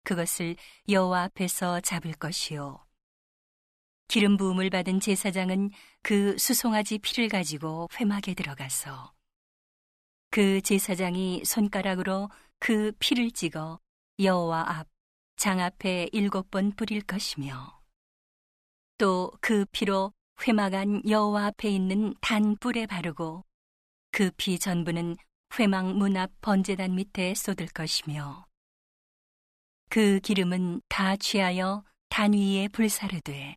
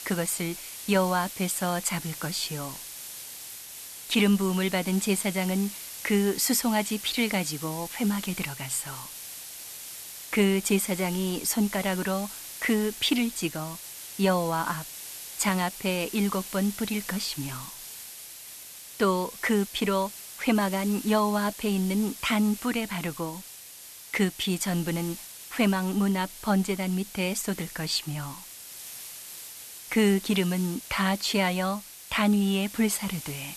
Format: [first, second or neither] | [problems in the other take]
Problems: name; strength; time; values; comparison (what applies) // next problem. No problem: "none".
first | hiss; noticeable; throughout; 10 dB below the speech